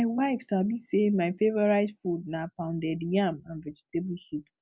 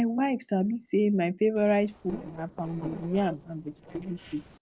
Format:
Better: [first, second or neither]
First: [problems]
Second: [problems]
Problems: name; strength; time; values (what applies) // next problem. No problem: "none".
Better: first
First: none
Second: noise reduction (neural separator model SepFormer DNS4)